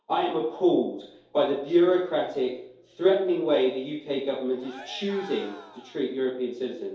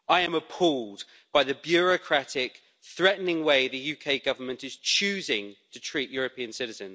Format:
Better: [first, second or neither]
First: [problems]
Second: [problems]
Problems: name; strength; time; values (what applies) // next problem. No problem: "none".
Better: second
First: background sound (Cheering); 18 dB below the speech // room echo; dies away in 2.4 s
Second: none